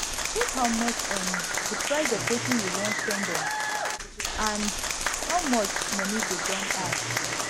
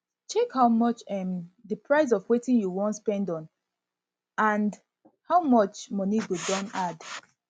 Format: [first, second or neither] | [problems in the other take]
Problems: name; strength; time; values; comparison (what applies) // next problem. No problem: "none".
second | background sound (Applause); 3 dB above the speech